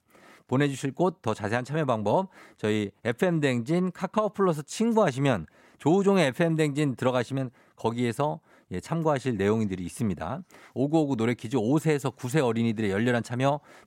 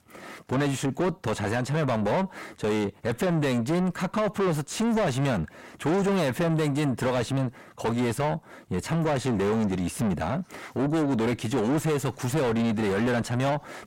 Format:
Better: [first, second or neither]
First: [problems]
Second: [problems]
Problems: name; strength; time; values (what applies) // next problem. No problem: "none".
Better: first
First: none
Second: distortion; heavy; 6 dB below the speech